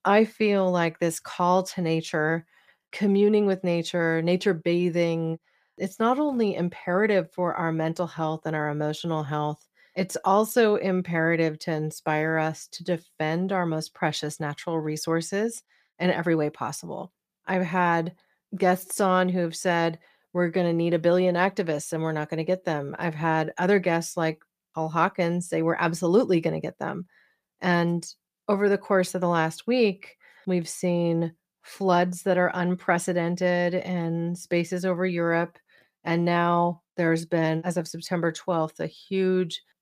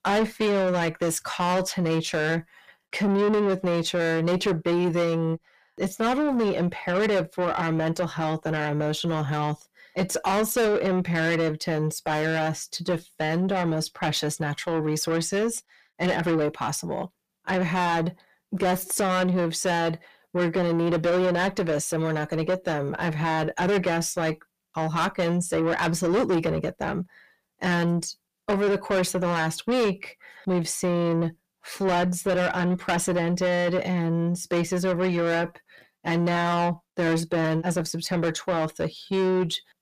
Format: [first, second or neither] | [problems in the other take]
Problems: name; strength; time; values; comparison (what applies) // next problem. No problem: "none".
first | distortion; heavy; 6 dB below the speech